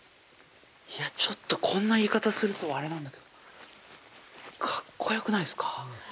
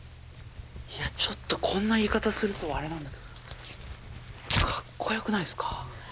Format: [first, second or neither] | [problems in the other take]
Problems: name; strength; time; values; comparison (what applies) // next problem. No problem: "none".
first | background sound (Tearing); 6 dB below the speech